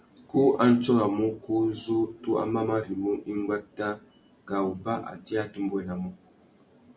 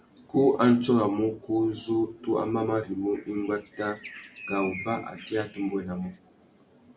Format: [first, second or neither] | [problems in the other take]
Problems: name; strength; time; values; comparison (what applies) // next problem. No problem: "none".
first | background sound (Bird); 16 dB below the speech